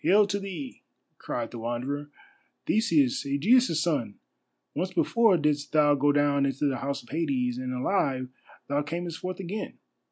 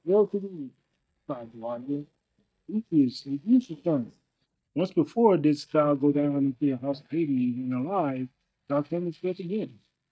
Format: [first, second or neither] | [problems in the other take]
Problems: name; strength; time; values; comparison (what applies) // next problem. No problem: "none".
first | noise reduction (neural mask model DeepFilterNet 3)